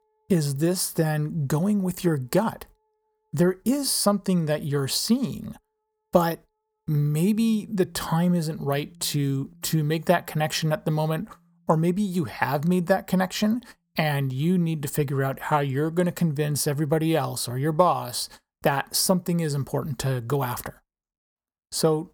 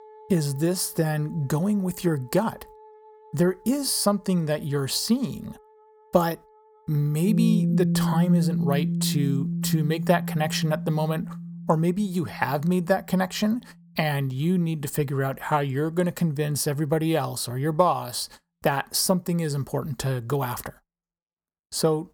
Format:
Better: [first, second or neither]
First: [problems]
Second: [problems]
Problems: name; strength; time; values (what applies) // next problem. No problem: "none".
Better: first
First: background music; faint; throughout; 25 dB below the speech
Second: background music; loud; throughout; 2 dB below the speech